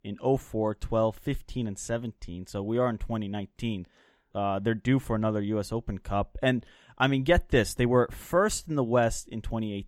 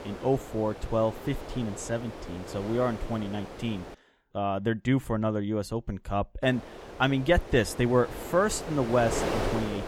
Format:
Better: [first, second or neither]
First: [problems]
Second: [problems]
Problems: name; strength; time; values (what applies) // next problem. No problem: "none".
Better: first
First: none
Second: wind noise on the microphone; heavy; until 4 s and from 6.5 s on; 9 dB below the speech